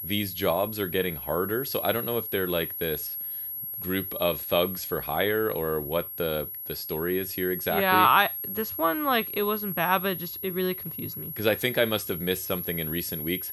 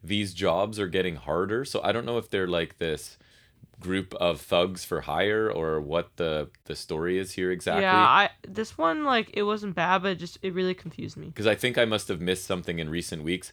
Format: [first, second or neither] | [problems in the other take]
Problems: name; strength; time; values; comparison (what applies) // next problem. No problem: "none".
second | high-pitched whine; loud; throughout; 11.5 kHz, 5 dB below the speech